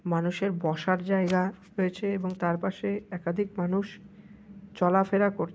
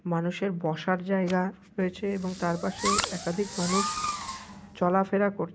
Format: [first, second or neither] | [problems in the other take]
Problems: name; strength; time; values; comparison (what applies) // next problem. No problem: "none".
first | background sound (Fireworks); 4 dB below the speech